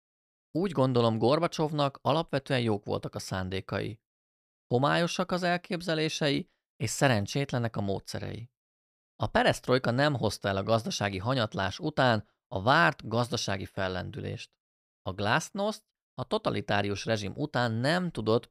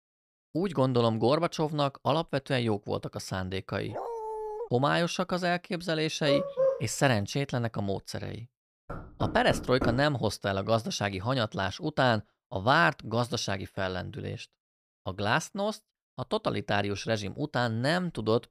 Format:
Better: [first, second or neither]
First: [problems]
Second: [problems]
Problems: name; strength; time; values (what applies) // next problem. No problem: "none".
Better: first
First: none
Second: dog barking; noticeable; at 4 s; peak 7 dB below the speech // dog barking; loud; at 6.5 s; peak 2 dB above the speech // door banging; noticeable; from 9 to 10 s; peak 5 dB below the speech